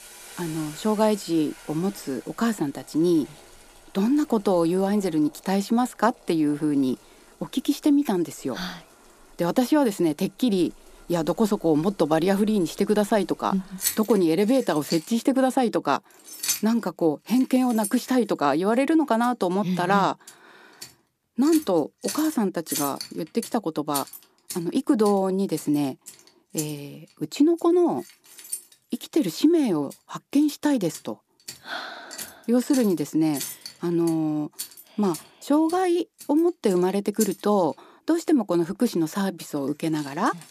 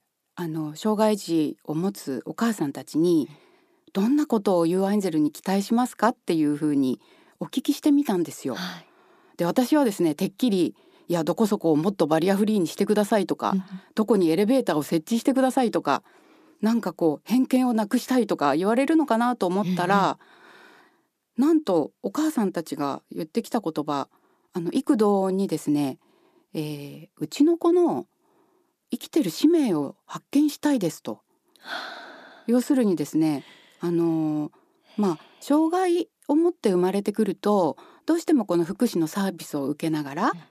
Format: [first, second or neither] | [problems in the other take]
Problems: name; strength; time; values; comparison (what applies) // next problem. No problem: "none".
second | household noises; noticeable; throughout; 10 dB below the speech